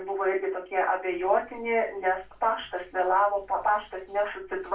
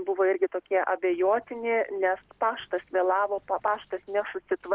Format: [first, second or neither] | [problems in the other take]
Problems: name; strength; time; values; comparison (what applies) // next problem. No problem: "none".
second | room echo; dies away in 0.2 s